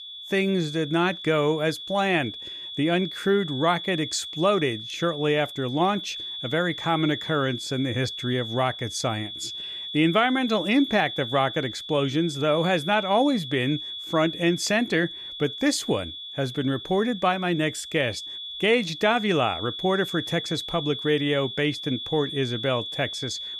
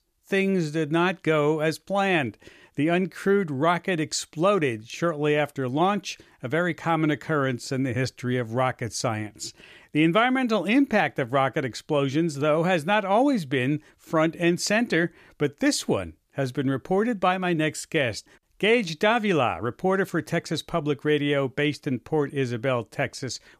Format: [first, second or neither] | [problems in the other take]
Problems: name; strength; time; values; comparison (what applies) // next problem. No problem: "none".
second | high-pitched whine; loud; throughout; 3.5 kHz, 8 dB below the speech